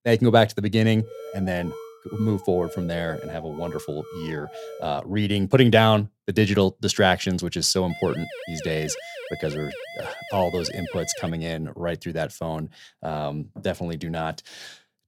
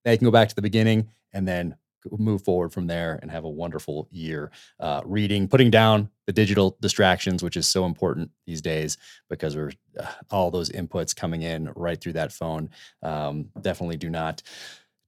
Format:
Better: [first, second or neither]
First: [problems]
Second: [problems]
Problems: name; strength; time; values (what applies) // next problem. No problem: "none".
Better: second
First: alarm; faint; from 1 to 5 s; peak 15 dB below the speech // siren; faint; from 8 to 11 s; peak 10 dB below the speech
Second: none